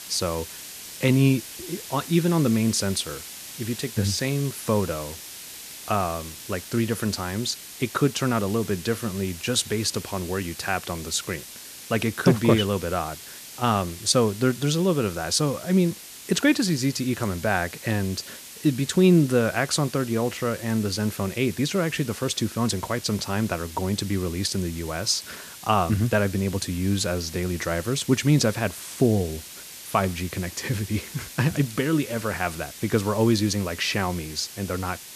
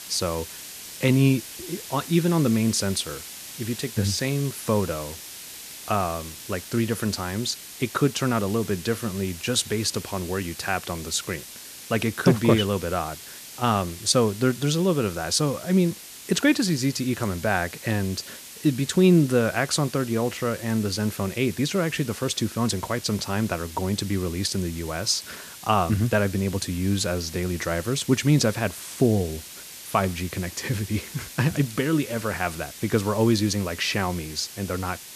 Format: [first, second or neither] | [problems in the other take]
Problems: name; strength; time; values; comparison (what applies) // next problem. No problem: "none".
neither | hiss; noticeable; throughout; 15 dB below the speech; the same in both